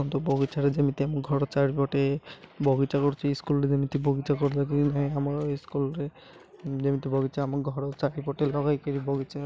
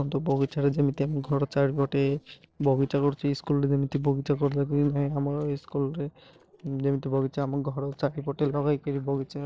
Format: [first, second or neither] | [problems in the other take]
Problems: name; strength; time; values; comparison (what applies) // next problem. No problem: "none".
first | noise reduction (neural separator model SepFormer DNS4)